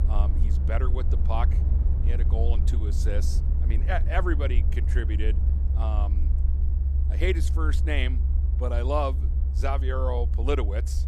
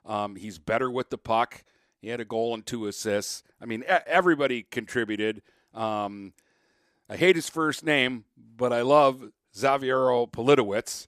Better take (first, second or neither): second